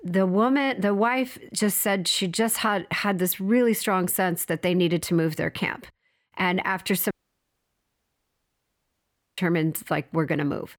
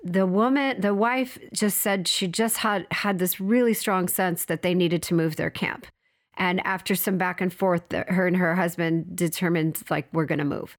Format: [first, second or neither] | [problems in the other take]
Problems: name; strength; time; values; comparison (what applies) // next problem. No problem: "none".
second | audio cutting out; at 7 s for 2.5 s